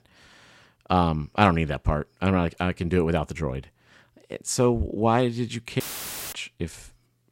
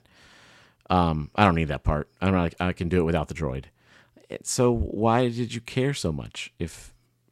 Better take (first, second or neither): second